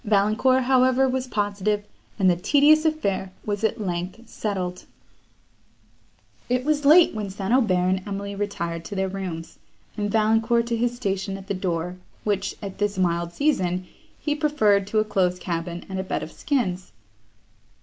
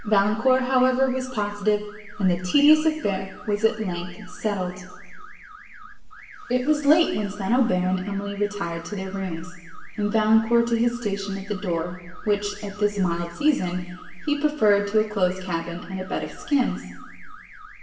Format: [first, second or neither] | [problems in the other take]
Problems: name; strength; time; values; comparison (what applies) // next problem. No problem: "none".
first | background sound (Alarm / Car); 20 dB below the speech // room echo; dies away in 1.1 s